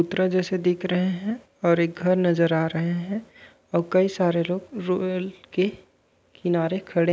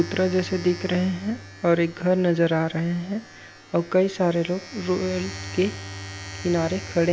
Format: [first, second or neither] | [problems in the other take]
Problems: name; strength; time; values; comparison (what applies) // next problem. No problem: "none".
first | background sound (Domestic sounds, home sounds + Bowed string instrument); 14 dB below the speech